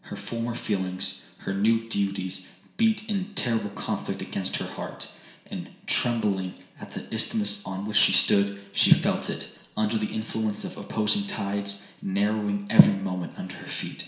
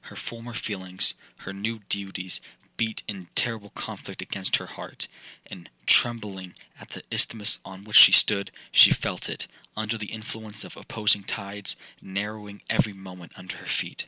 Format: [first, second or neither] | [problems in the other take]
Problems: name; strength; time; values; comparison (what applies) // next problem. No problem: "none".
second | room echo; dies away in 0.7 s